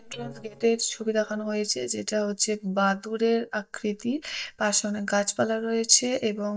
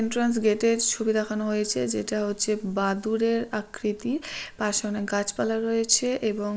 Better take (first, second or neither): second